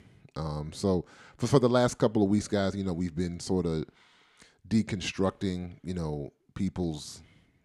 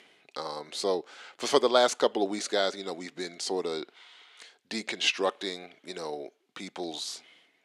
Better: first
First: none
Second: thin; very; fading below 400 Hz

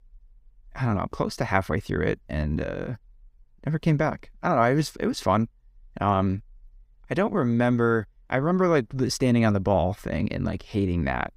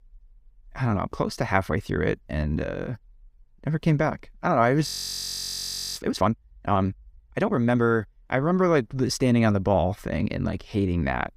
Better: first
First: none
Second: audio freezing; at 5 s for 1 s

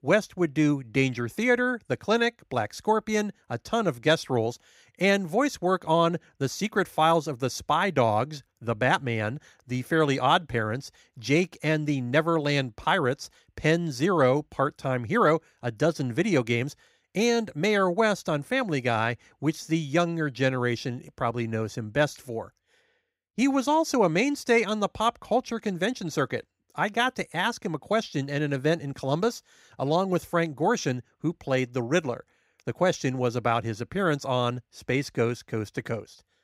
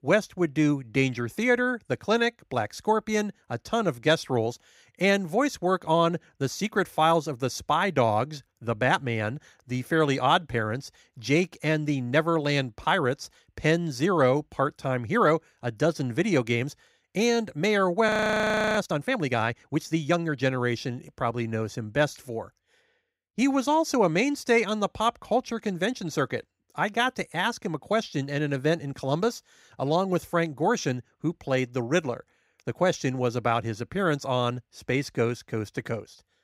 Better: first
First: none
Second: audio freezing; at 18 s for 0.5 s

